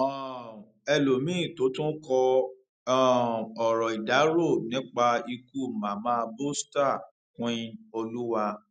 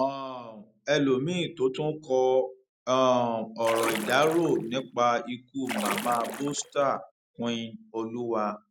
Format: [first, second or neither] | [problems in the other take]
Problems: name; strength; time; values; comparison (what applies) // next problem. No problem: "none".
first | background sound (Splash, splatter); 8 dB below the speech